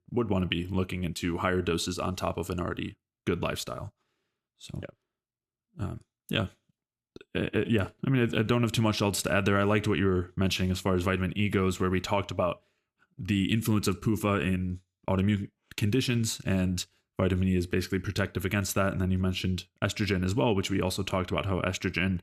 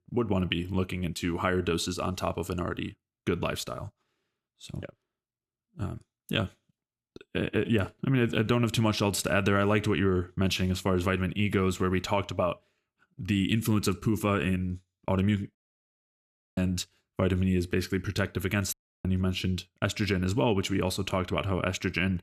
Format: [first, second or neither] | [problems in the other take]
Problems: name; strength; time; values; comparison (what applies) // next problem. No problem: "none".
first | audio cutting out; at 16 s for 1 s and at 19 s